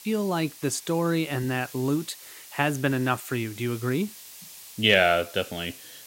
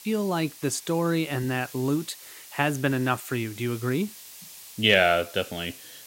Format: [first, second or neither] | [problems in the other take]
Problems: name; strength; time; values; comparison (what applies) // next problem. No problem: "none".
neither | hiss; noticeable; throughout; 15 dB below the speech; the same in both